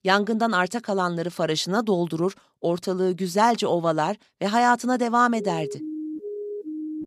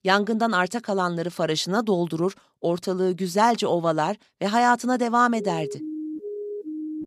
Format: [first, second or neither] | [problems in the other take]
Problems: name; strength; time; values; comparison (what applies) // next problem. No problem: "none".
neither | siren; noticeable; from 5.5 s on; peak 9 dB below the speech; the same in both